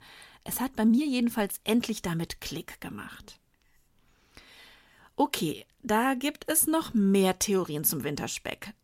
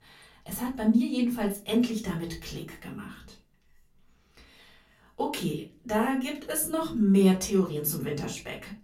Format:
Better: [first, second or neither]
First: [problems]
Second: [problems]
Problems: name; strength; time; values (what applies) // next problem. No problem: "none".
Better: first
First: none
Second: off-mic speech; far // room echo; very slight; dies away in 0.3 s